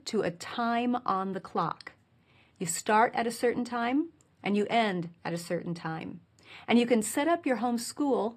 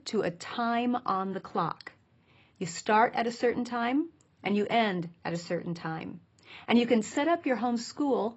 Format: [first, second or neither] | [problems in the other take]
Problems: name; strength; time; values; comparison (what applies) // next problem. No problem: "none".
first | garbled, watery; badly; nothing above 7.5 kHz; slightly in the first